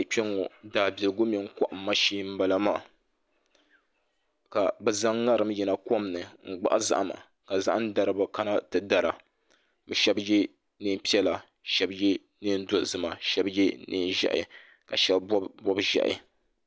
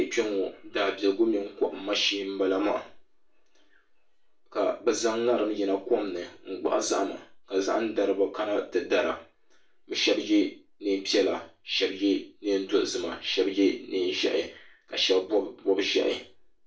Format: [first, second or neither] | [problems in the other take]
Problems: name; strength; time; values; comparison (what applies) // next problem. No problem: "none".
first | room echo; dies away in 0.3 s